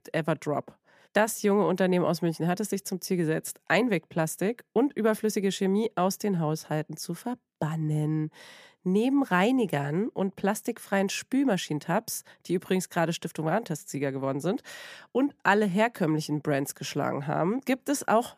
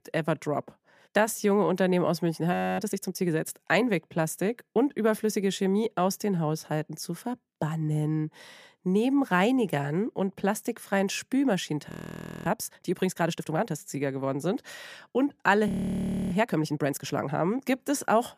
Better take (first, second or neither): first